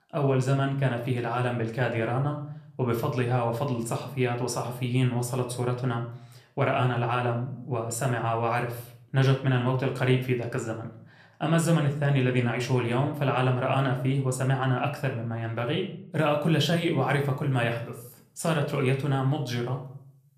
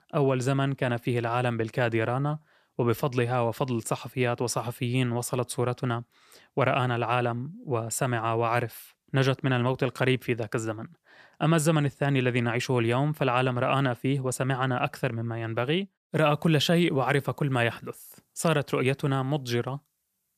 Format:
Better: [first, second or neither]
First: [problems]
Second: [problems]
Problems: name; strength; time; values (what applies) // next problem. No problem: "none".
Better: second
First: room echo; slight; dies away in 0.5 s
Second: none